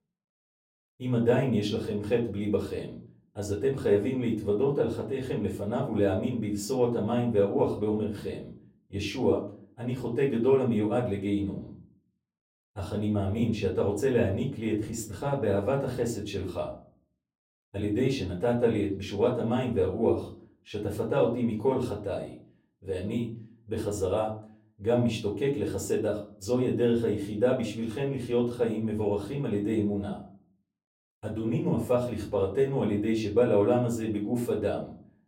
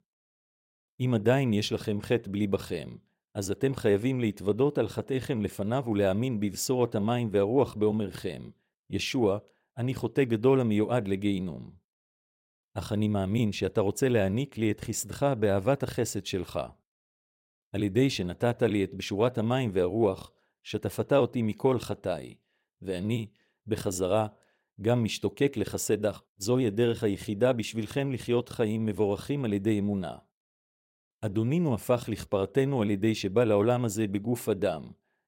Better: second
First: room echo; slight; dies away in 0.4 s // off-mic speech; far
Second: none

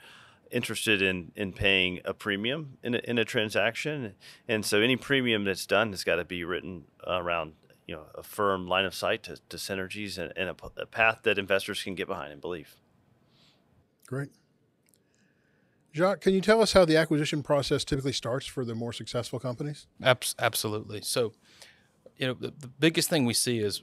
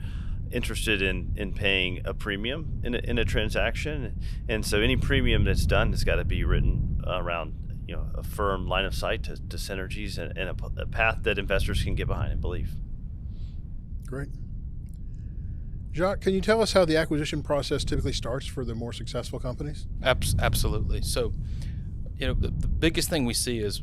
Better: first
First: none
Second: wind noise on the microphone; occasional gusts; 20 dB below the speech

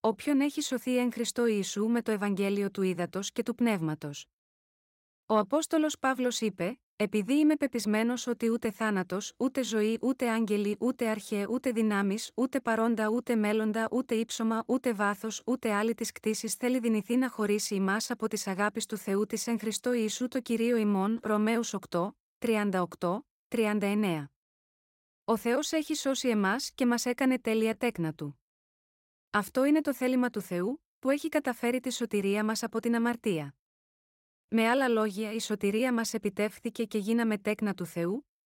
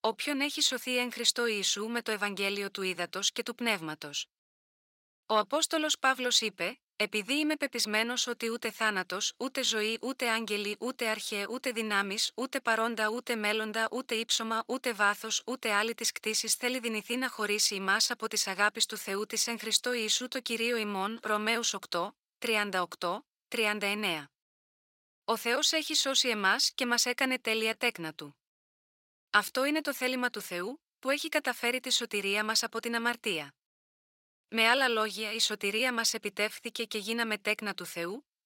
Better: first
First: none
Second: thin; somewhat; fading below 1 kHz

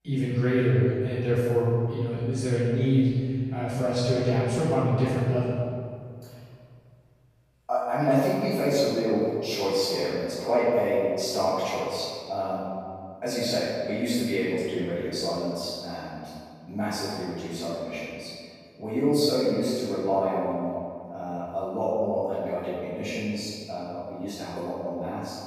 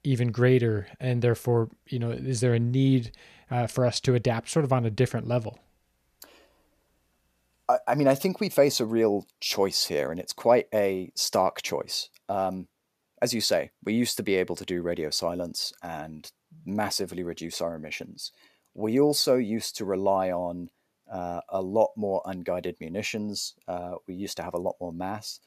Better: second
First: room echo; strong; dies away in 2 s // off-mic speech; far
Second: none

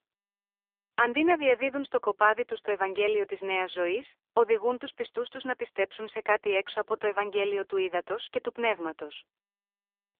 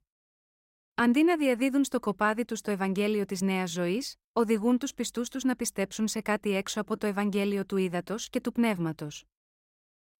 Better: second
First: phone-call audio; poor line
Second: none

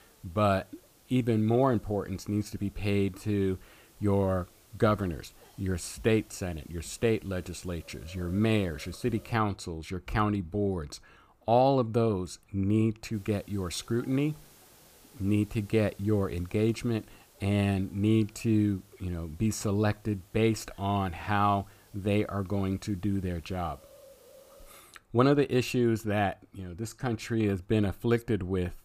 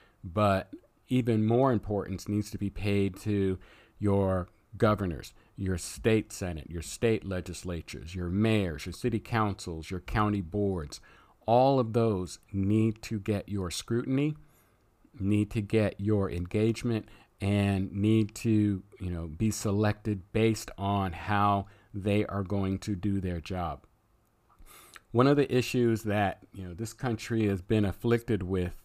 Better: second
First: hiss; faint; until 9.5 s and from 13 to 25 s; 25 dB below the speech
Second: none

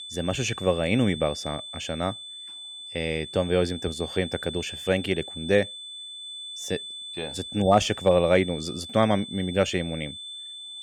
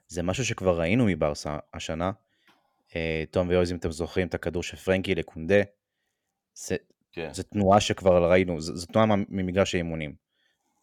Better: second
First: high-pitched whine; noticeable; throughout; 3.5 kHz, 10 dB below the speech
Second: none

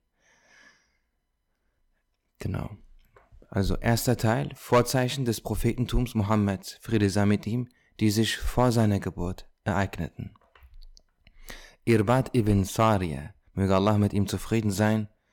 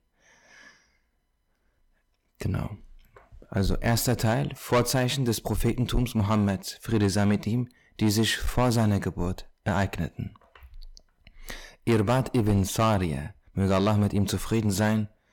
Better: first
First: none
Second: distortion; slight; 10 dB below the speech

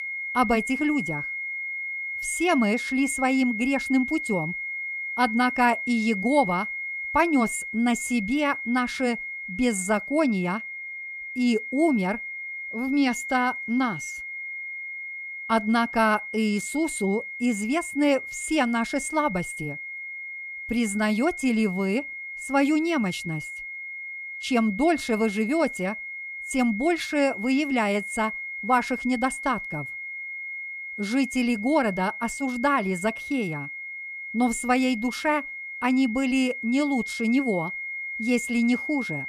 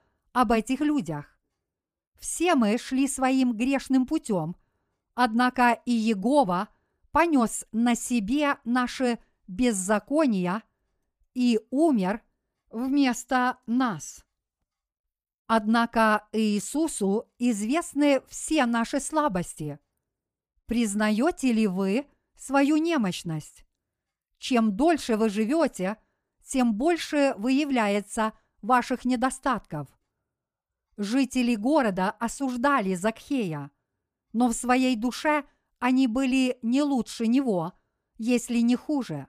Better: second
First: high-pitched whine; loud; throughout; 2 kHz, 7 dB below the speech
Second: none

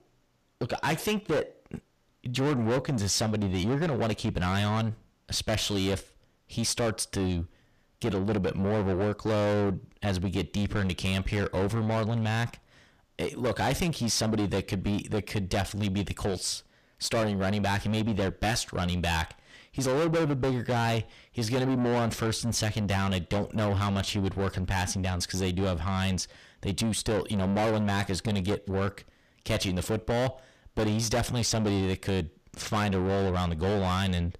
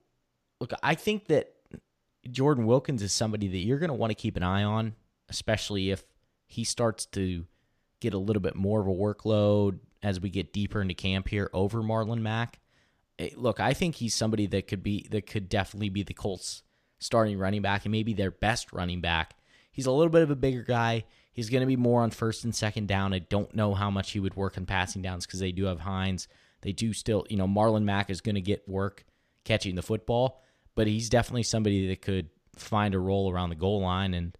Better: second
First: distortion; heavy; 6 dB below the speech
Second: none

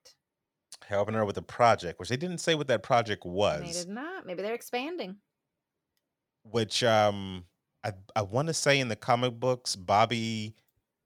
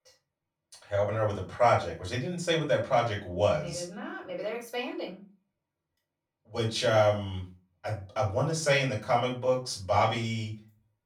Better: first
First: none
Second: off-mic speech; far // room echo; slight; dies away in 0.3 s

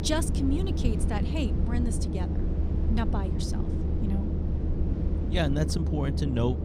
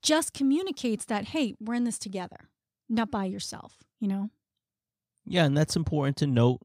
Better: second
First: low rumble; loud; throughout; 4 dB below the speech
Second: none

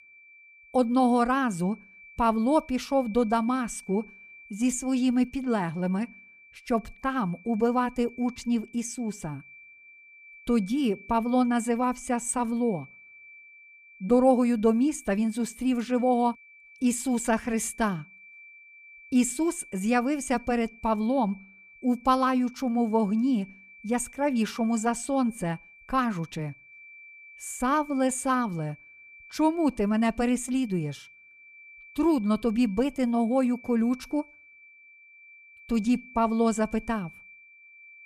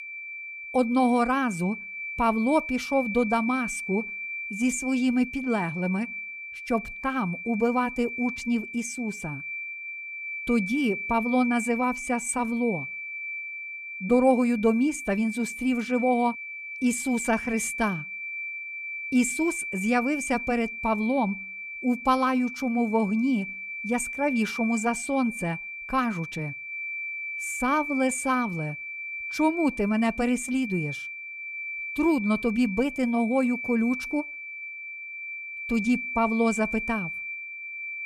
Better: first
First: high-pitched whine; faint; throughout; 2.5 kHz, 20 dB below the speech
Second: high-pitched whine; loud; throughout; 2.5 kHz, 7 dB below the speech

